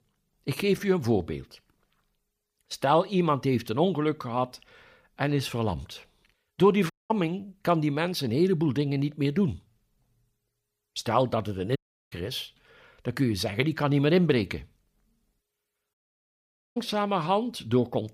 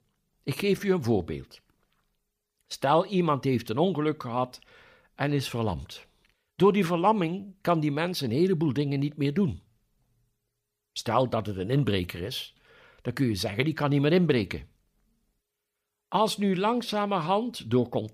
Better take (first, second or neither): second